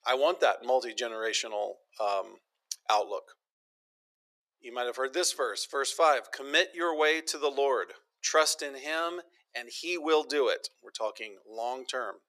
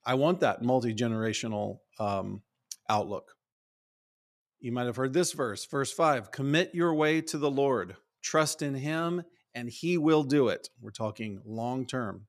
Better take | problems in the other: second | thin; very; fading below 400 Hz

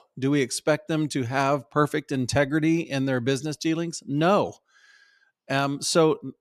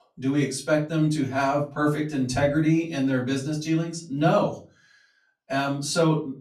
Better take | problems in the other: first | off-mic speech; far // room echo; slight; dies away in 0.3 s

